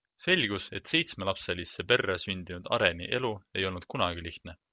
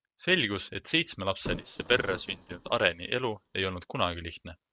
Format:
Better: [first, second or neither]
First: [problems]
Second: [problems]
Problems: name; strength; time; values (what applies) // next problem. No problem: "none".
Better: first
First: none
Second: noise reduction (neural mask model RNNoise)